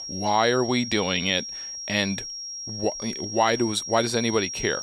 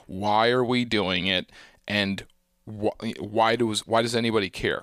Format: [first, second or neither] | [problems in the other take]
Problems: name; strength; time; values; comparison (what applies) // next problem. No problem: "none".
second | high-pitched whine; loud; throughout; 5.5 kHz, 7 dB below the speech